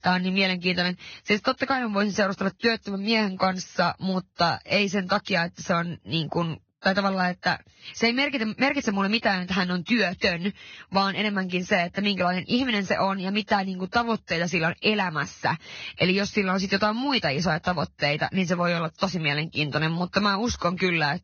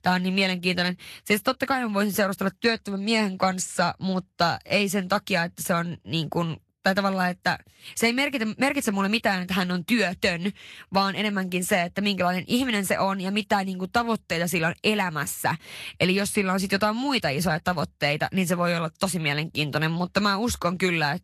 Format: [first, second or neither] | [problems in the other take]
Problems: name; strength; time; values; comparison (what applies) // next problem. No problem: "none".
second | garbled, watery; badly; nothing above 6.5 kHz; slightly in the second